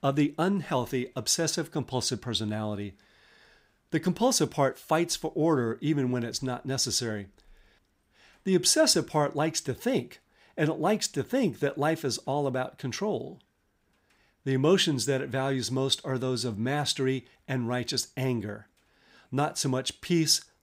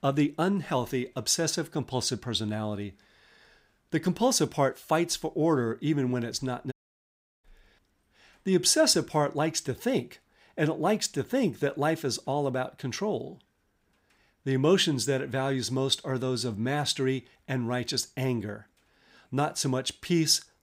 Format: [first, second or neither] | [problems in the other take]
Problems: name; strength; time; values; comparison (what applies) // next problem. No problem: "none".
first | audio cutting out; at 6.5 s for 0.5 s